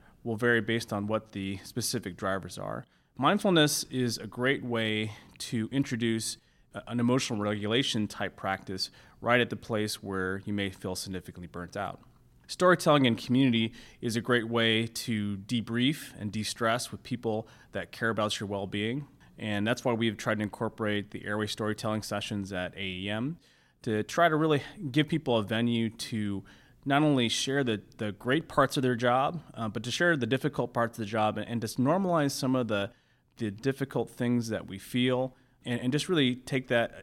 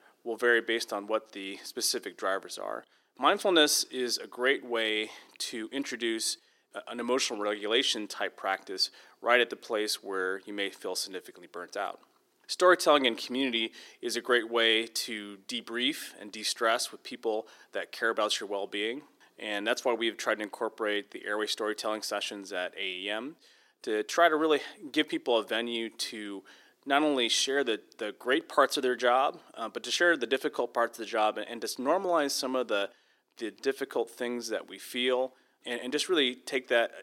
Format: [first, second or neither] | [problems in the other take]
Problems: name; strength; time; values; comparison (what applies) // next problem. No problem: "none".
first | thin; somewhat; fading below 350 Hz